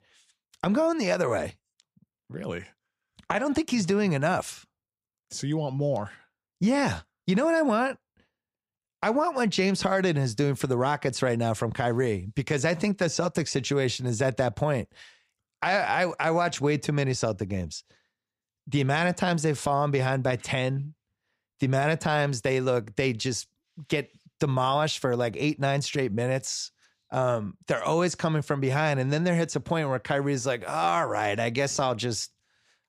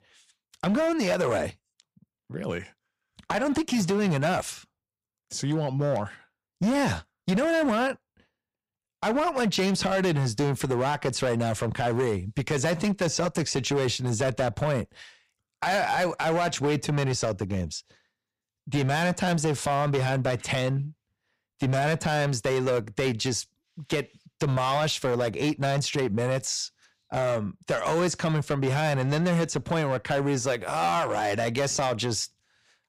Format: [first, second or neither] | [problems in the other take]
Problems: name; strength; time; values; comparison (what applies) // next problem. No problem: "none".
first | distortion; slight; 11% of the sound clipped